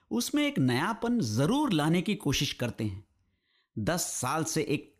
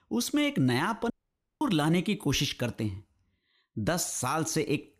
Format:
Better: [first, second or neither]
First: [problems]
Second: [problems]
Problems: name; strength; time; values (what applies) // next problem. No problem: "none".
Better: first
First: none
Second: audio cutting out; at 1 s for 0.5 s